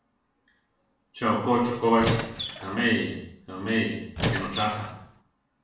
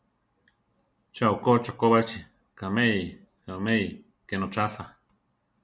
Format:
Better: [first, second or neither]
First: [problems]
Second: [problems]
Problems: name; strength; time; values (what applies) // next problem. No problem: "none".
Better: second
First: background sound (Squeak); 3 dB below the speech // room echo; dies away in 0.7 s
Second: none